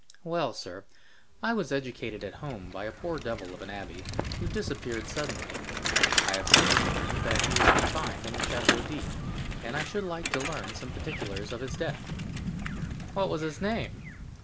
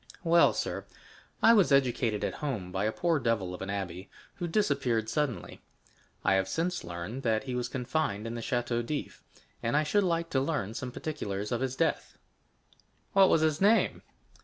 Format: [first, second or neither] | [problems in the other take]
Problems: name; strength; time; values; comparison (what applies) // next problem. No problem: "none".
second | background sound (Bicycle); 4 dB above the speech